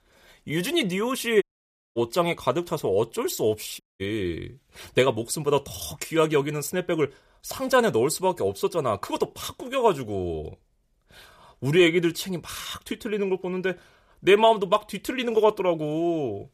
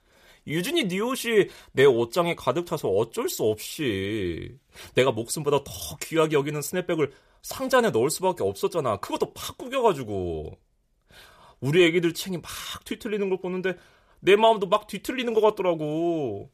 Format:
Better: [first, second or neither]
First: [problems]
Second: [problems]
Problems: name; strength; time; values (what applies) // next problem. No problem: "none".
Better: second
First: audio cutting out; at 1.5 s for 0.5 s and at 4 s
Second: none